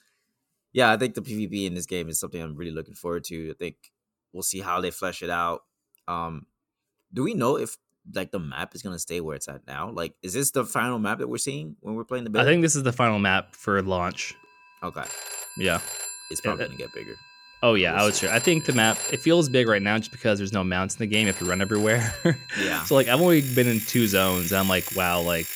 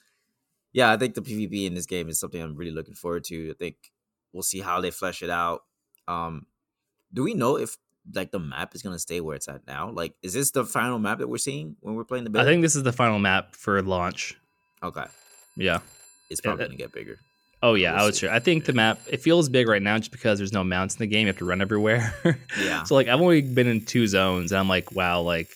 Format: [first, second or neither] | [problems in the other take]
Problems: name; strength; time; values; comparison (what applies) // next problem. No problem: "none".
second | alarms or sirens; loud; from 14 s on; 7 dB below the speech; faint in the second